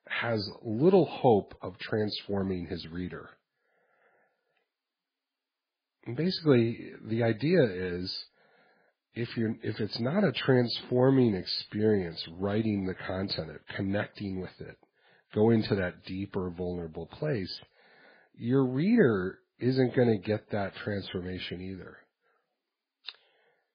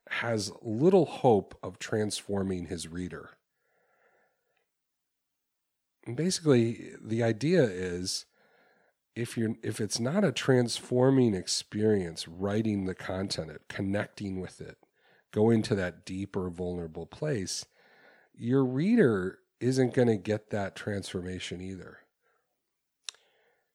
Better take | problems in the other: second | garbled, watery; badly; nothing above 4.5 kHz

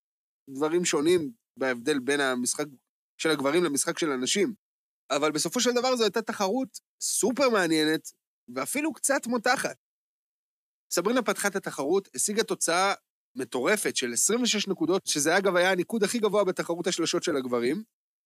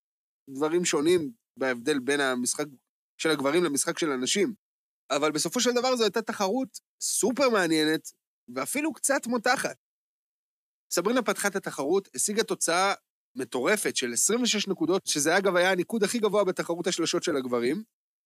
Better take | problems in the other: neither | none

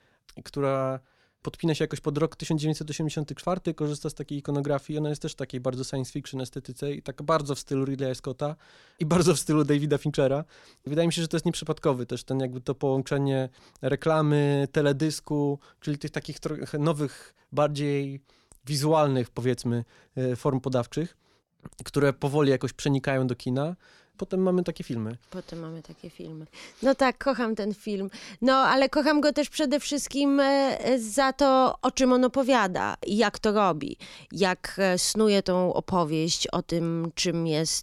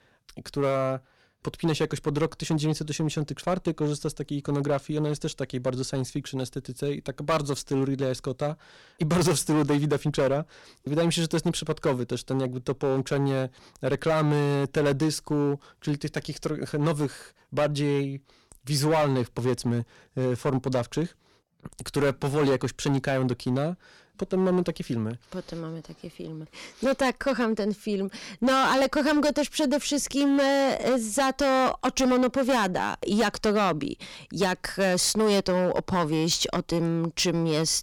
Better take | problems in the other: first | distortion; slight; 8% of the sound clipped

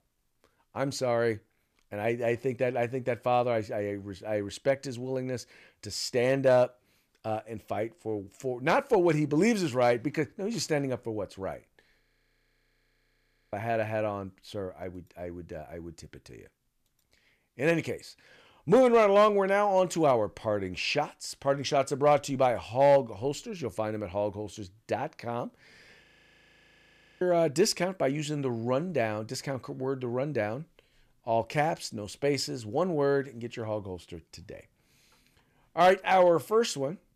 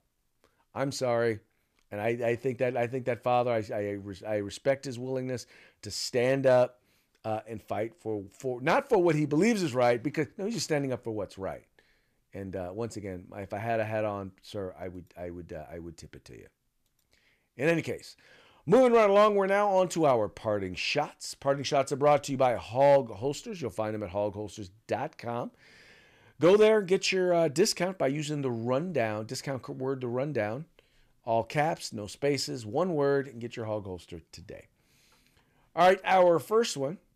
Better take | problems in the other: second | audio freezing; at 12 s for 1.5 s and at 26 s for 1 s

